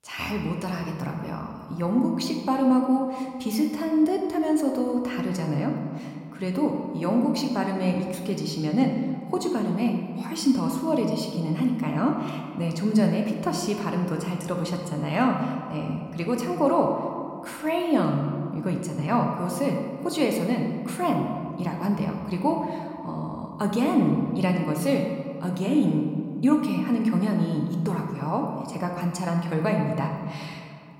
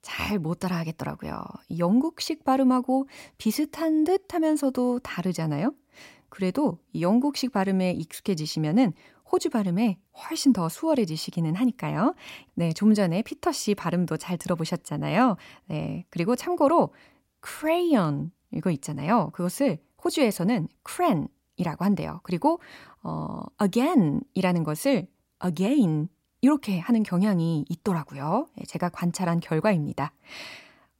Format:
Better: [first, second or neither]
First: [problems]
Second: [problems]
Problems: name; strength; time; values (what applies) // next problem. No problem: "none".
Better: second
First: room echo; slight; dies away in 1.7 s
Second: none